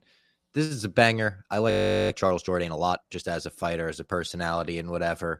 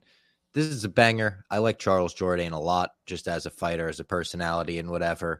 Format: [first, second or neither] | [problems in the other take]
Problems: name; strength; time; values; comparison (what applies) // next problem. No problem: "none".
second | audio freezing; at 1.5 s